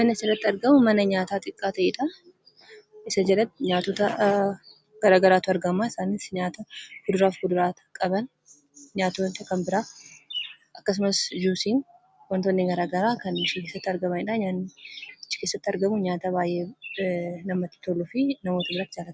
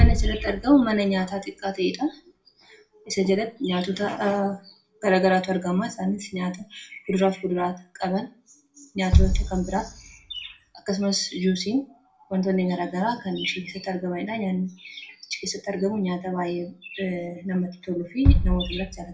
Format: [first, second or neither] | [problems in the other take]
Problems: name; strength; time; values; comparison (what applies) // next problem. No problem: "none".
first | background sound (Bass drum); 3 dB below the speech // room echo; dies away in 0.3 s